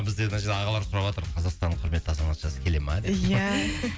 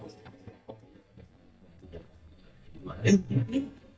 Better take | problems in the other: first | noise reduction (neural mask model DeepFilterNet 3)

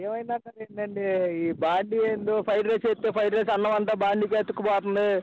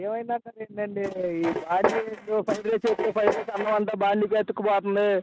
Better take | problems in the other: first | noise reduction (neural mask model RNNoise)

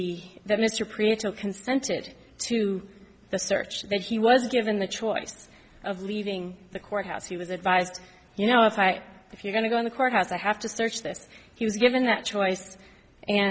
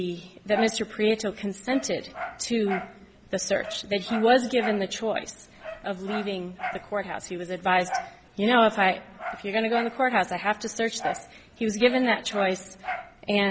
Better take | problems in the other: first | background sound (Dog); 12 dB below the speech

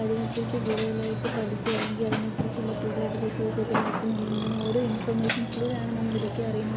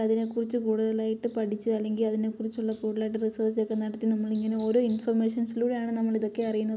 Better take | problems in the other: second | background sound (Burping, eructation); 2 dB below the speech

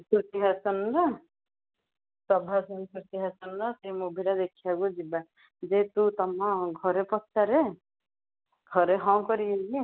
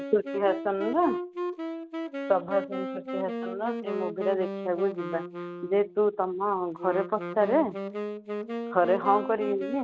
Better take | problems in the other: first | background sound (Wind instrument, woodwind instrument); 7 dB below the speech

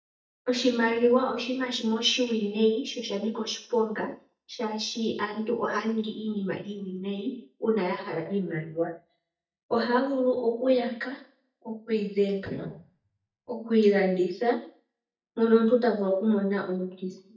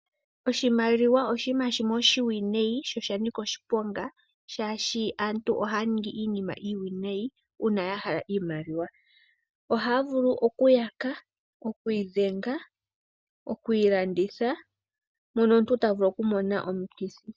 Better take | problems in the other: second | noise reduction (neural mask model DeepFilterNet 3)

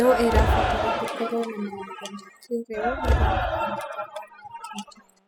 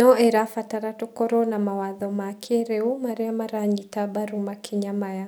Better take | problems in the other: second | noise reduction (classical method spectral subtraction)

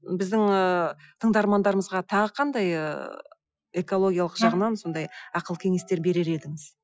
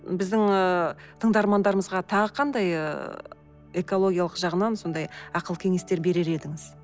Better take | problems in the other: second | noise reduction (classical method Wiener filter)

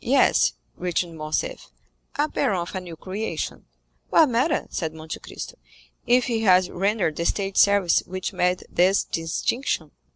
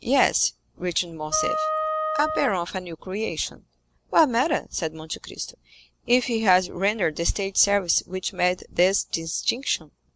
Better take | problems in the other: first | background sound (Wind instrument, woodwind instrument); 3 dB below the speech

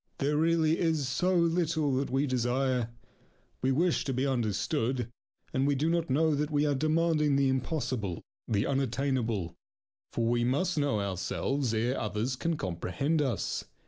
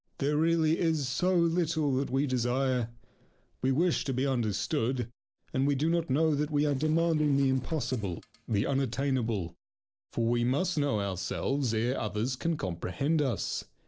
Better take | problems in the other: first | noise reduction (neural separator model SepFormer DNS4)

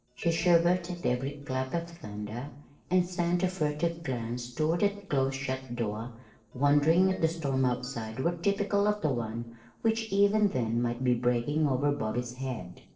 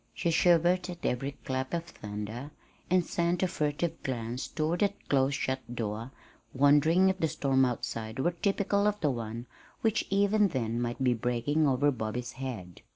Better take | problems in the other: second | noise reduction (neural separator model SepFormer DNS4)

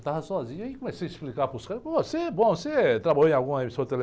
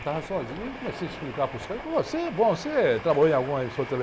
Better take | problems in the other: first | background sound (Train); 13 dB below the speech

